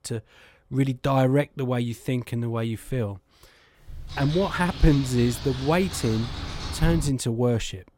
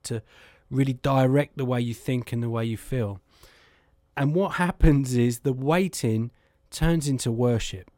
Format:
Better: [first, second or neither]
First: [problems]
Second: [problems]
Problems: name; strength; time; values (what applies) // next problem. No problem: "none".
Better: second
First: keyboard typing; noticeable; from 4 to 7 s; peak 6 dB below the speech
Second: none